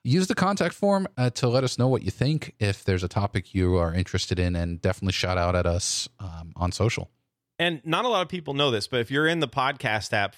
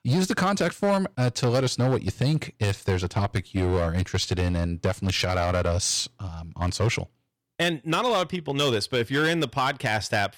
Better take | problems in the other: first | distortion; slight; 8% of the sound clipped

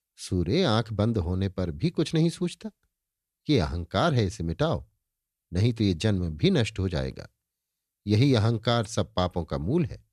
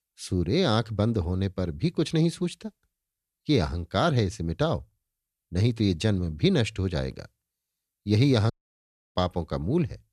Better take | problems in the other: first | audio cutting out; at 8.5 s for 0.5 s

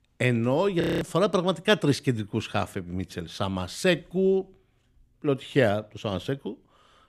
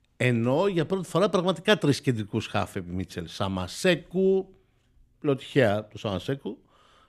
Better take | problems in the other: second | audio freezing; at 1 s

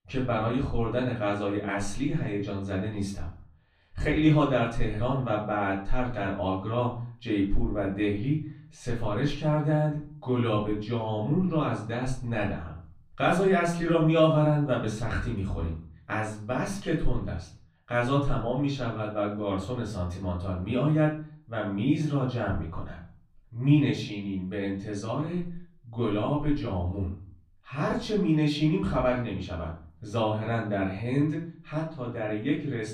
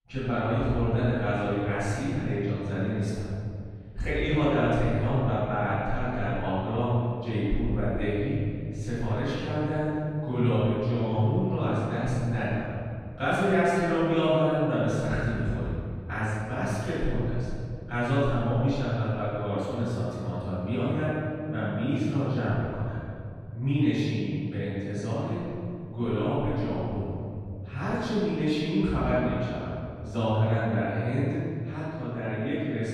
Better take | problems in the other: first | room echo; strong; dies away in 2.4 s; slight in the first // off-mic speech; far; far in the first

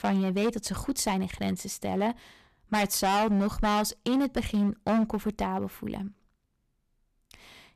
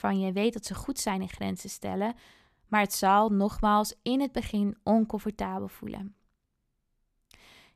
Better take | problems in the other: second | distortion; heavy; 9% of the sound clipped

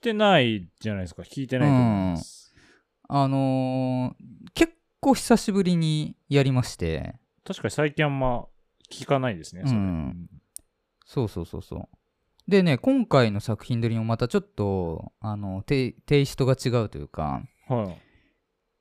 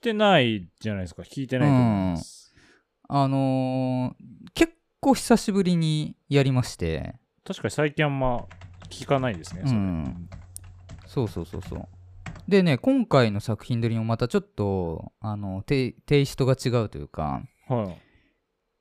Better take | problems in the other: first | keyboard typing; faint; from 8.5 to 12 s; peak 15 dB below the speech

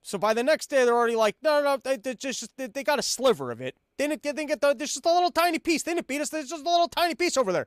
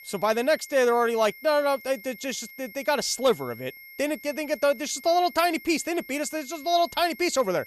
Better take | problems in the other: first | high-pitched whine; noticeable; throughout; 2 kHz, 20 dB below the speech

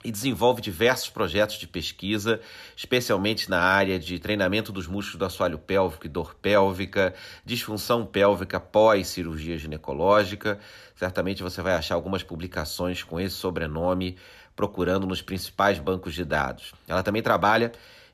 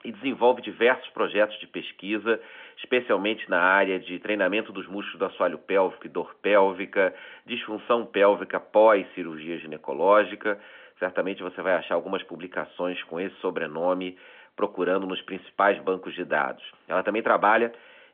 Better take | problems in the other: first | phone-call audio; nothing above 3.5 kHz

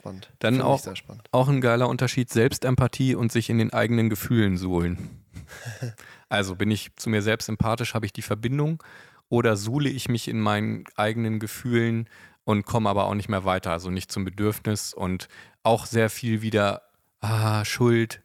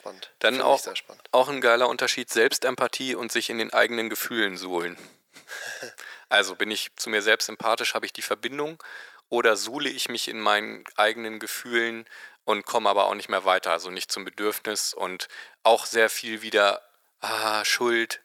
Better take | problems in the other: first | thin; very; fading below 400 Hz

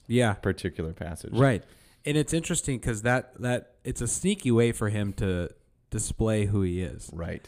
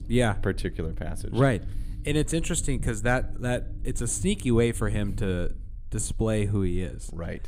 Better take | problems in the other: first | low rumble; faint; throughout; 20 dB below the speech

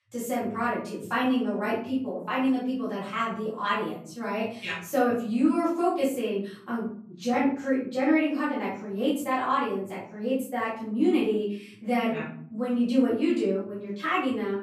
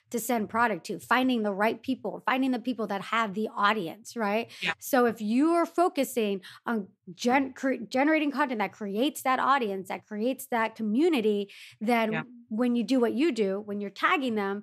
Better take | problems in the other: second | off-mic speech; far // room echo; noticeable; dies away in 0.6 s

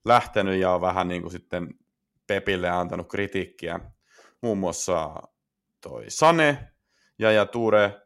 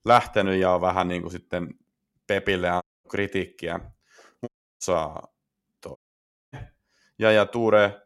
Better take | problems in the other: first | audio cutting out; at 3 s, at 4.5 s and at 6 s for 0.5 s

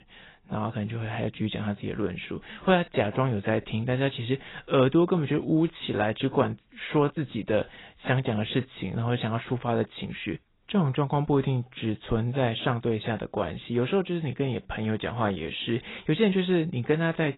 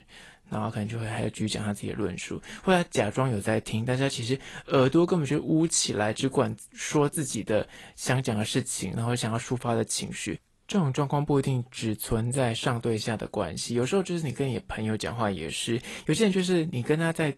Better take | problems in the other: second | garbled, watery; badly; nothing above 4 kHz; slightly in the second

